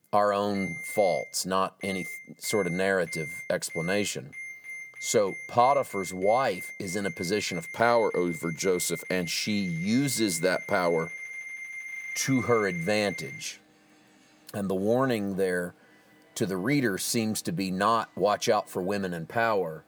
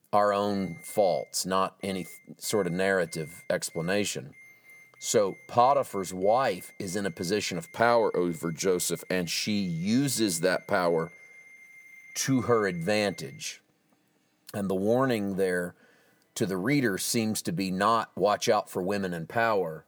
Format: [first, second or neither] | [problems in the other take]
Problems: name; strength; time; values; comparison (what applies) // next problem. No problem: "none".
second | alarms or sirens; loud; throughout; 10 dB below the speech; faint in the second